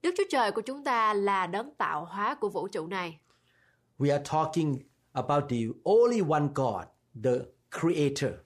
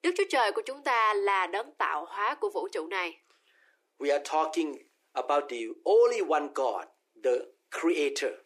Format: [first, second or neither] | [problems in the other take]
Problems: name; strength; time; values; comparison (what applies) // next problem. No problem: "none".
first | thin; very; fading below 300 Hz